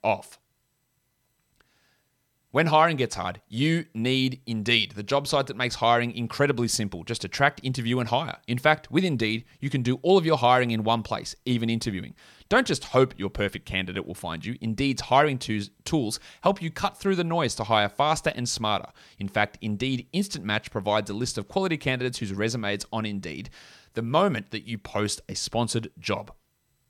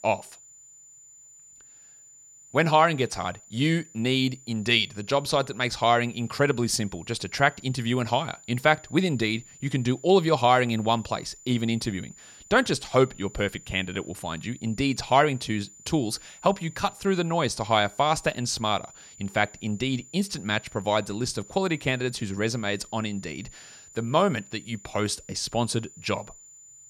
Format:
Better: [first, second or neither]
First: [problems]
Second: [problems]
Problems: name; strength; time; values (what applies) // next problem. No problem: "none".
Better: first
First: none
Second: high-pitched whine; faint; throughout; 7 kHz, 20 dB below the speech